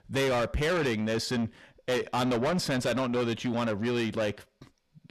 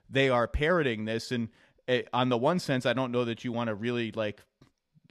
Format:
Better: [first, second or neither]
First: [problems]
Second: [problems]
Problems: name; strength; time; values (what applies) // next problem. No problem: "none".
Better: second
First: distortion; heavy; 6 dB below the speech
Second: none